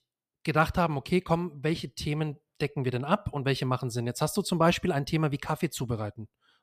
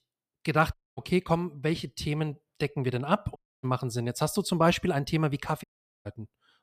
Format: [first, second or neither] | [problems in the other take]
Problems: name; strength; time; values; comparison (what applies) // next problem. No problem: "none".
first | audio cutting out; at 0.5 s, at 3.5 s and at 5.5 s